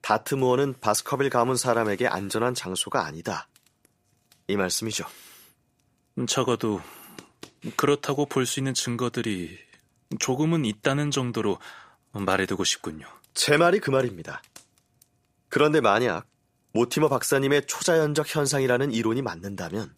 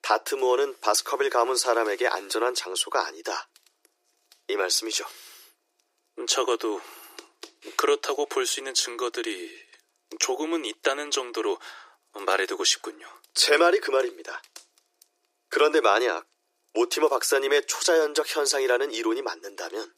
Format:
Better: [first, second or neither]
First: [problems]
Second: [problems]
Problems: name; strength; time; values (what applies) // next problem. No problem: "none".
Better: first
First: none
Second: thin; very; fading below 350 Hz